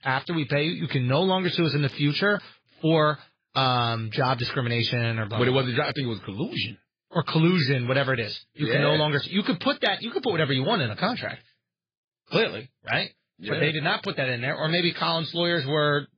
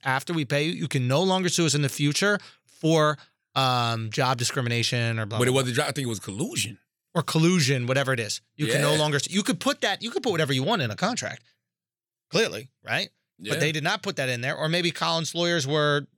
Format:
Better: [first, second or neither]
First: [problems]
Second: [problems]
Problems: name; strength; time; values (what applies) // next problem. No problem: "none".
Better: second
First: garbled, watery; badly; nothing above 4 kHz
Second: none